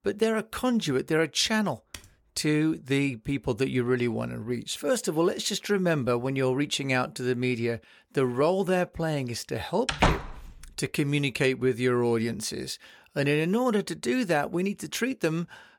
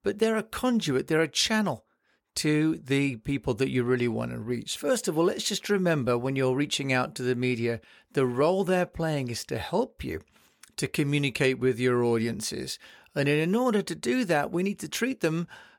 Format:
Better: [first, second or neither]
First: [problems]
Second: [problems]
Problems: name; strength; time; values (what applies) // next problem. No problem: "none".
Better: second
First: keyboard typing; faint; at 2 s; peak 20 dB below the speech // door banging; loud; at 10 s; peak 2 dB above the speech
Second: none